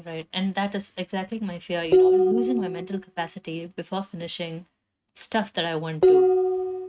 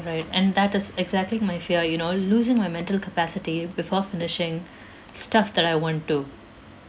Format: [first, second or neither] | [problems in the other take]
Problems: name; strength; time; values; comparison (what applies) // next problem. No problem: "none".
second | noise reduction (neural mask model RNNoise)